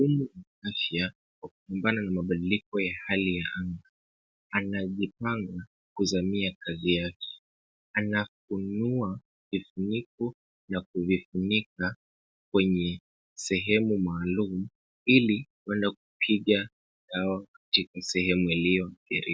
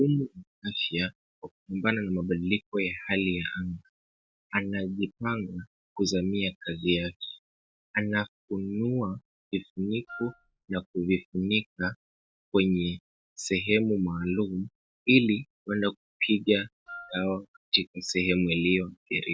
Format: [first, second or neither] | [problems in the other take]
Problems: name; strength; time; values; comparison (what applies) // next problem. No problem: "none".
first | background sound (Wind instrument, woodwind instrument); 16 dB below the speech